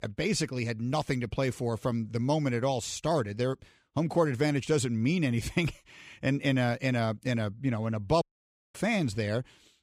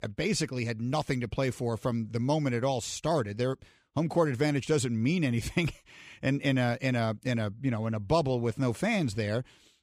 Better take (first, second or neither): second